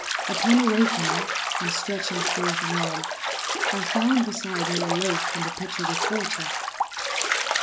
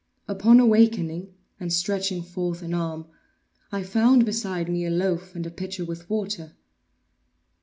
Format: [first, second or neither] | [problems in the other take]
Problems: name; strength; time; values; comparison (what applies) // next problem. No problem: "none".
second | background sound (Bathtub (filling or washing)); 1 dB above the speech